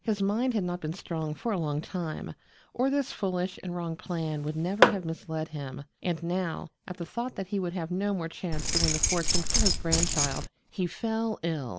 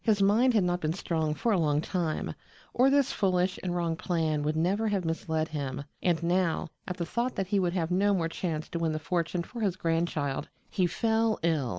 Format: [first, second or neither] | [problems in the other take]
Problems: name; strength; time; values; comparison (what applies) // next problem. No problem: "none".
second | background sound (Keys jangling + Tap / Hammer); 4 dB above the speech